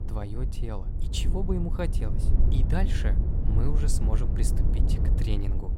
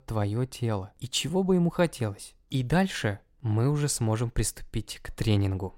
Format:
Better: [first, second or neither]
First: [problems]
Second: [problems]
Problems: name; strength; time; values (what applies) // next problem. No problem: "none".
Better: second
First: wind noise on the microphone; heavy; 5 dB below the speech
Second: none